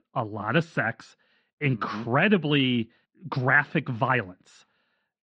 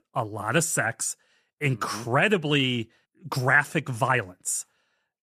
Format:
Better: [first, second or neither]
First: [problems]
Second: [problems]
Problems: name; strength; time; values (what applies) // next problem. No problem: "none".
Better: second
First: muffled; very; fading above 4 kHz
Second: none